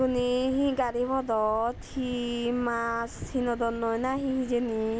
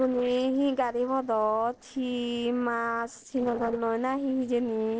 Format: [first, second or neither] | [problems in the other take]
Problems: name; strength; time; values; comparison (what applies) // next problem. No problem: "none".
first | noise reduction (neural separator model SepFormer DNS4)